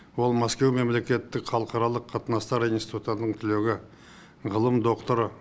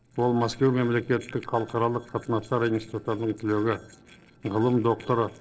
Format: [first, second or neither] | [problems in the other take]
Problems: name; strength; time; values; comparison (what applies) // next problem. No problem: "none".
first | noise reduction (neural separator model SepFormer DNS4)